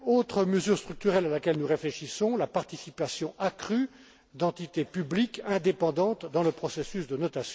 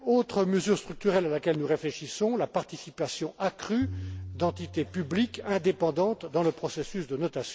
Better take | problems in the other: first | background sound (Tabla); 14 dB below the speech

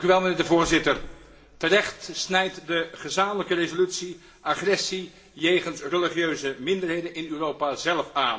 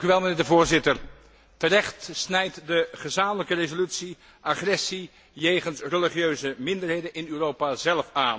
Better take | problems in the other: second | room echo; dies away in 1.4 s

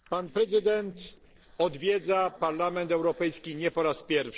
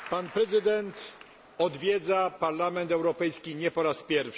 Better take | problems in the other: second | noise reduction (neural separator model SepFormer DNS4)

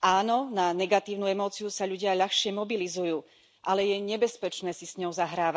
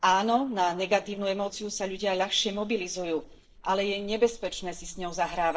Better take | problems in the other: first | noise reduction (neural separator model SepFormer DNS4)

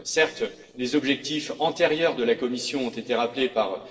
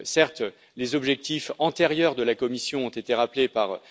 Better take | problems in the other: second | noise reduction (neural separator model SepFormer DNS4)

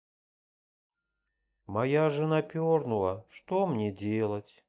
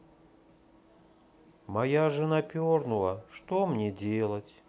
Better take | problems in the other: second | noise reduction (neural mask model DeepFilterNet 3)

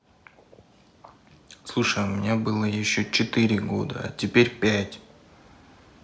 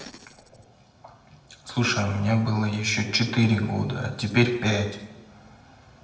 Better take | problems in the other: first | room echo; dies away in 1 s

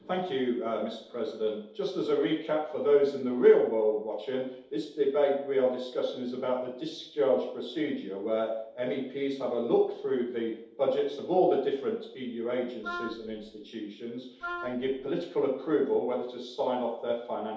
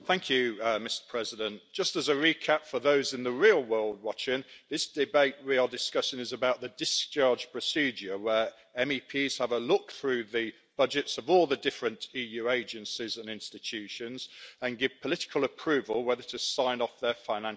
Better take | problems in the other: second | background sound (Wind instrument, woodwind instrument); 12 dB below the speech // room echo; dies away in 0.8 s

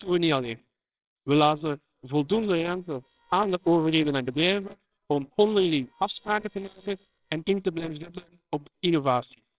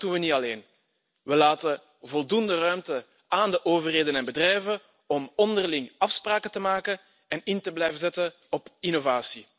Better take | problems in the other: second | noise reduction (neural separator model SepFormer WHAMR!)

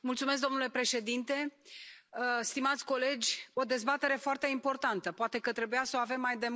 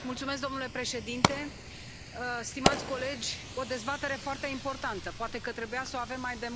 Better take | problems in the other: first | background sound (Fire); 1 dB below the speech

